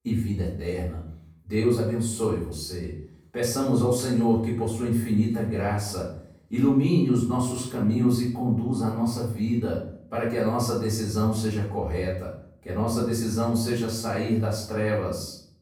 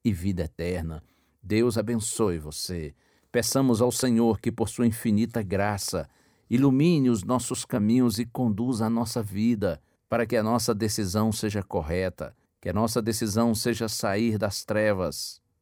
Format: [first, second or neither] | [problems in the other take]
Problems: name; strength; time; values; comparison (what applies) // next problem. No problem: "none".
second | room echo; noticeable; dies away in 0.6 s // off-mic speech; far